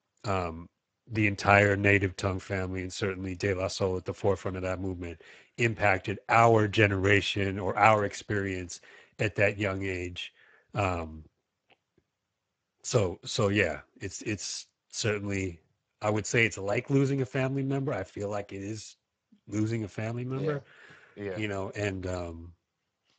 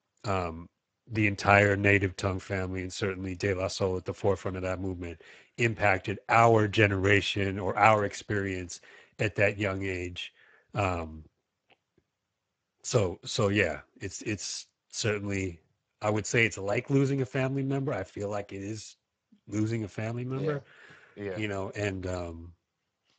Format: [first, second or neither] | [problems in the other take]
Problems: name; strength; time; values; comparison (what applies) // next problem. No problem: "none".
neither | garbled, watery; badly; nothing above 7.5 kHz; the same in both